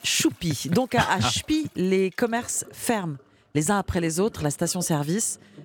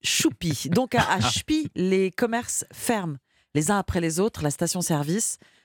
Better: second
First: household noises; faint; throughout; 25 dB below the speech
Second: none

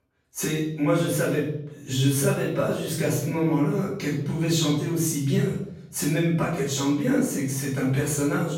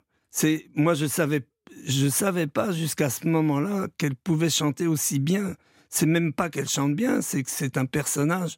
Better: second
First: room echo; noticeable; dies away in 0.7 s // off-mic speech; far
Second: none

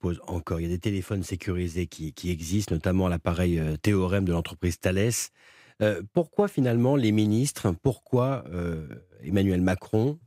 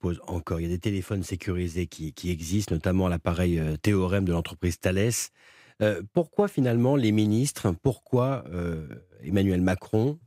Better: neither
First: none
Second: none

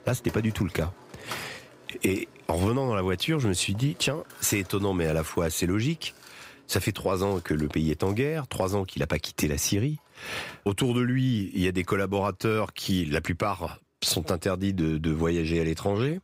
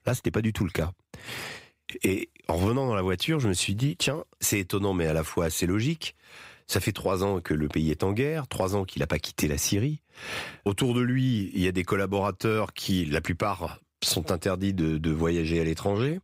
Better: second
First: machinery noise; faint; throughout; 20 dB below the speech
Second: none

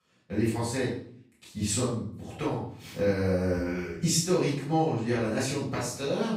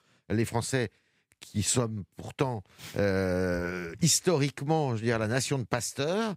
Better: second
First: room echo; noticeable; dies away in 0.5 s // off-mic speech; far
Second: none

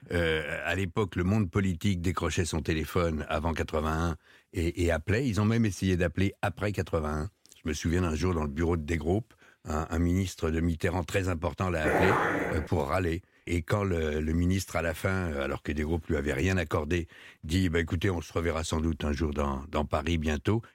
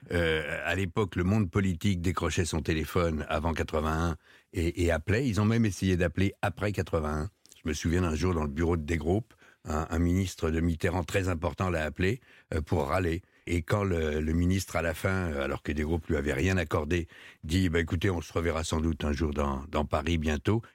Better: second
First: dog barking; loud; at 12 s; peak 4 dB above the speech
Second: none

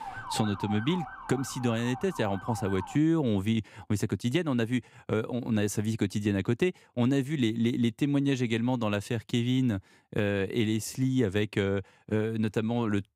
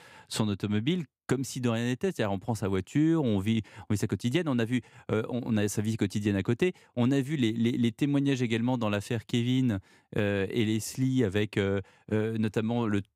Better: second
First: siren; noticeable; until 3 s; peak 8 dB below the speech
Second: none

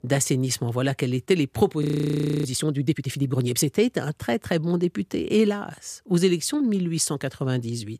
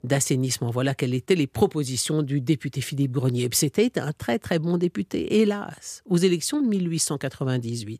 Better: second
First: audio freezing; at 2 s for 0.5 s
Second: none

